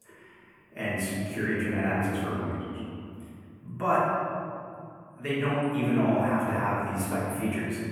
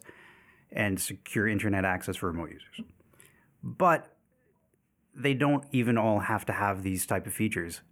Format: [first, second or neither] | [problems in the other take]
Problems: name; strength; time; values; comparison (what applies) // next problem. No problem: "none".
second | room echo; strong; dies away in 2.5 s // off-mic speech; far